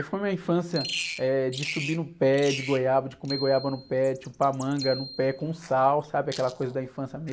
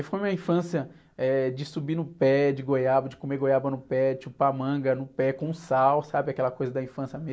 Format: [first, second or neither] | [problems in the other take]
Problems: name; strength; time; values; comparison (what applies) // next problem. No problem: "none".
second | background sound (Bicycle bell + Bird vocalization, bird call, bird song); 12 dB below the speech